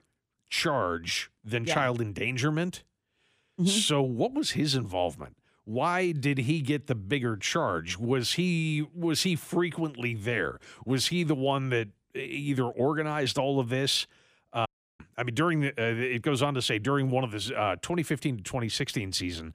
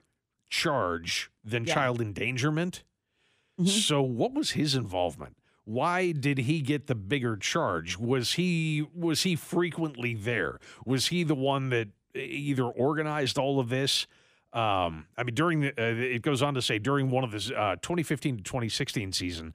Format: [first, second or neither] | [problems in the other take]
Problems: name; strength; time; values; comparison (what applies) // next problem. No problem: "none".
second | audio cutting out; at 15 s